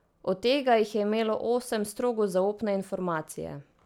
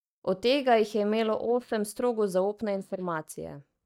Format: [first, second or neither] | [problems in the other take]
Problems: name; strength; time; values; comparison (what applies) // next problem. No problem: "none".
first | noise reduction (neural mask model DeepFilterNet 3)